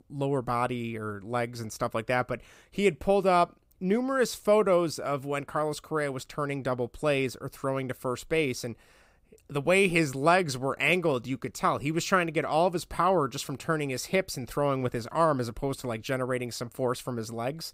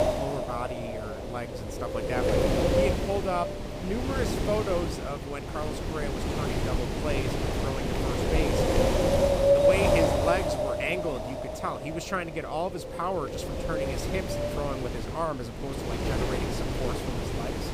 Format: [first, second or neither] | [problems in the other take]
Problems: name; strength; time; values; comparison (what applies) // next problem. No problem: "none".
first | wind noise on the microphone; heavy; 4 dB above the speech